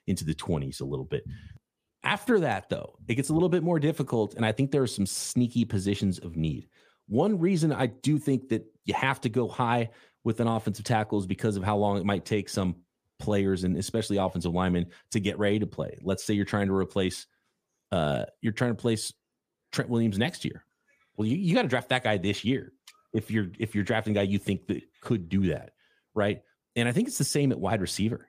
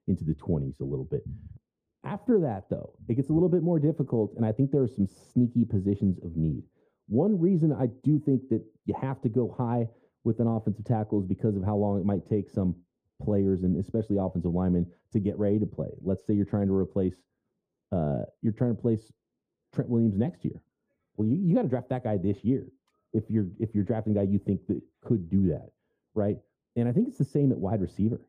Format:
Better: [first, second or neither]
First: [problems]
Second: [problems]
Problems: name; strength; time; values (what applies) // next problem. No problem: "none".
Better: first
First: none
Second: muffled; very; fading above 1 kHz